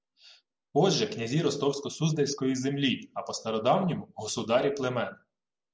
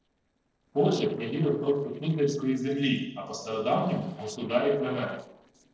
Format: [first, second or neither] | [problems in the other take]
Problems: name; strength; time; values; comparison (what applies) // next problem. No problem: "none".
first | noise reduction (neural separator model SepFormer DNS4)